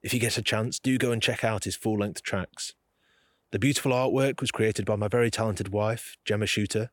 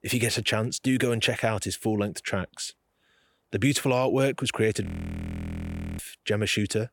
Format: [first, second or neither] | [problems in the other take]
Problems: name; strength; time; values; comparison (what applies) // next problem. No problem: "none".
first | audio freezing; at 5 s for 1 s